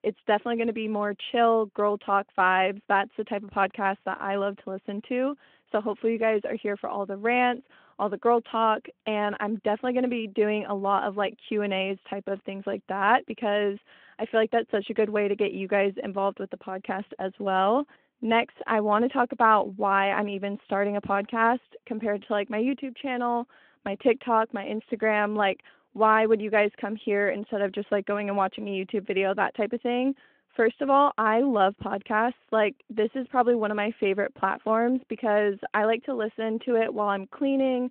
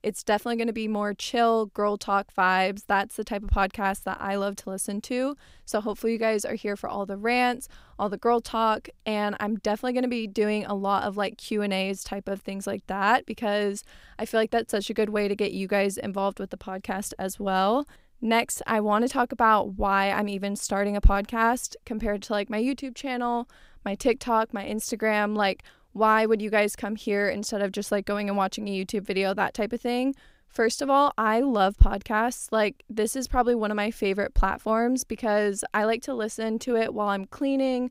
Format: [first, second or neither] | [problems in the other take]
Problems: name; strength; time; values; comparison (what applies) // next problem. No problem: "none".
second | phone-call audio